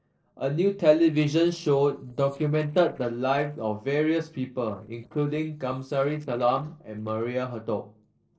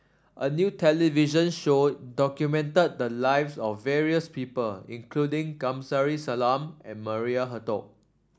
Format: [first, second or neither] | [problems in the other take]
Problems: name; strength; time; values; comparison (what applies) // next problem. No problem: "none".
second | noise reduction (neural separator model SepFormer DNS4)